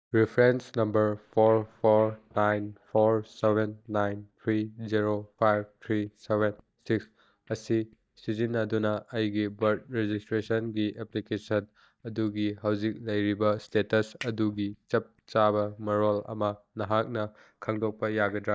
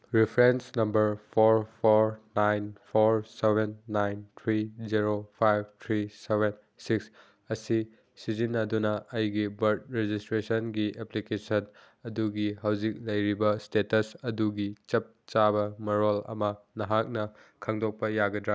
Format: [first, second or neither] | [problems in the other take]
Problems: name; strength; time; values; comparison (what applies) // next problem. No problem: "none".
second | noise reduction (neural mask model DeepFilterNet 3)